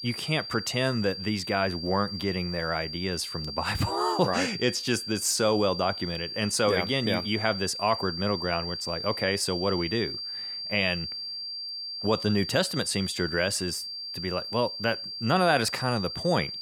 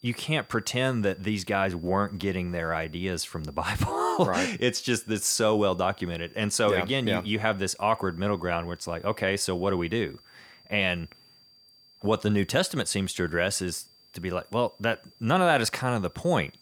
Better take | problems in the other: second | high-pitched whine; loud; throughout; 4.5 kHz, 6 dB below the speech; faint in the second

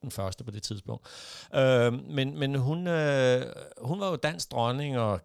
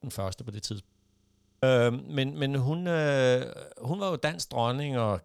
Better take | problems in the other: first | audio freezing; at 1 s for 1 s

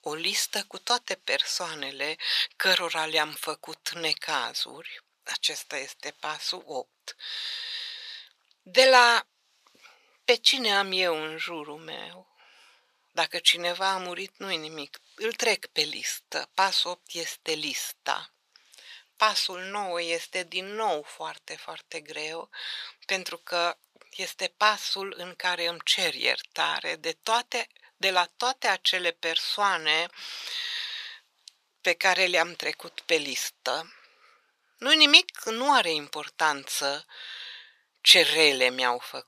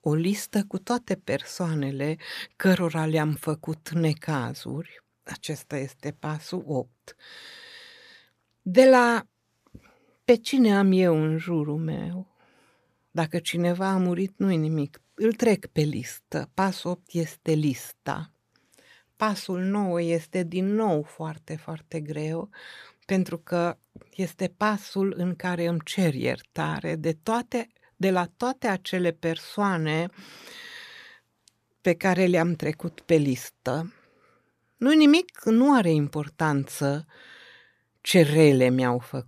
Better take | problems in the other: second | thin; very; fading below 800 Hz

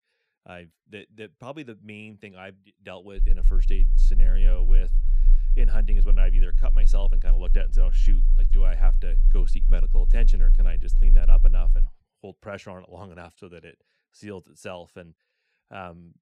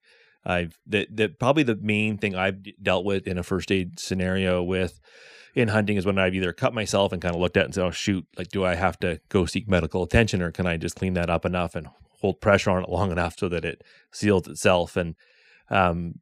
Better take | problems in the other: second | low rumble; noticeable; from 3 to 12 s; 10 dB below the speech

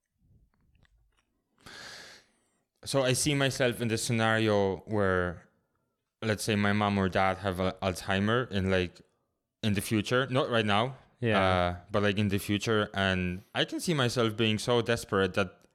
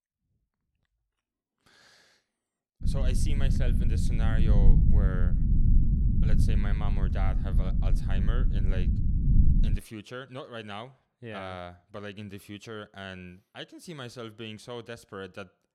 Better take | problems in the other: first | low rumble; loud; from 3 to 10 s; 1 dB below the speech

